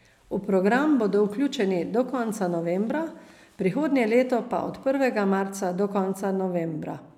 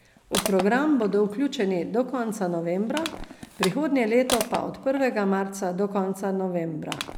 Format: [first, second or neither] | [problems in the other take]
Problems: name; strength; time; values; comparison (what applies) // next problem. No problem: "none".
first | background sound (Crushing); 11 dB below the speech